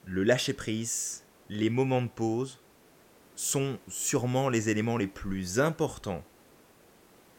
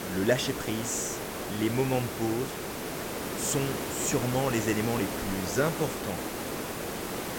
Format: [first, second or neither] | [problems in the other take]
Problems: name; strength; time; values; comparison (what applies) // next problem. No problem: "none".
first | hiss; loud; throughout; 4 dB below the speech; faint in the first